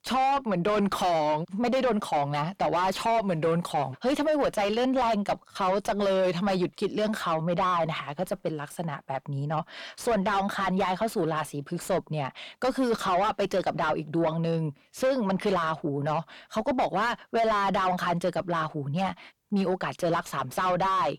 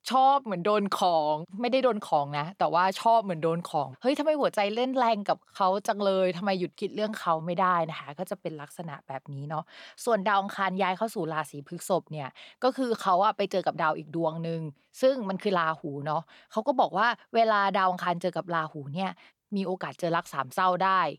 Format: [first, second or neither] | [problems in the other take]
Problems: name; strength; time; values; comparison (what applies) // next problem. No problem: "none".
second | distortion; heavy; 6 dB below the speech